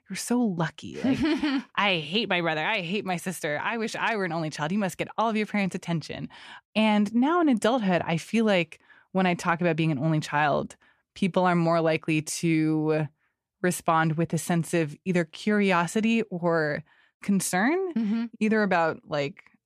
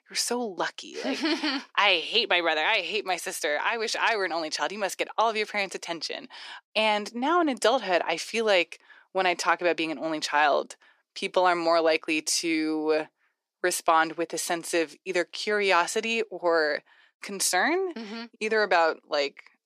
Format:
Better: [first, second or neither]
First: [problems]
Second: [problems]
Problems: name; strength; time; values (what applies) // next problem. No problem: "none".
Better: first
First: none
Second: thin; very; fading below 350 Hz